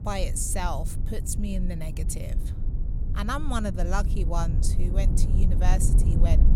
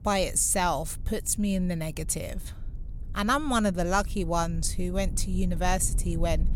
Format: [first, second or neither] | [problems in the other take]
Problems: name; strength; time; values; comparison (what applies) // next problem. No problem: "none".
second | low rumble; loud; throughout; 9 dB below the speech; faint in the second